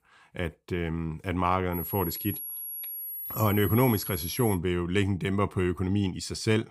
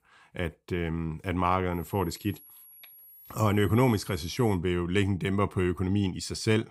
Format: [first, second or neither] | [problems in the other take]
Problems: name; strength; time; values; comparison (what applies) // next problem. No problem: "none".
second | high-pitched whine; loud; from 1.5 to 4.5 s; 11.5 kHz, 6 dB below the speech; faint in the second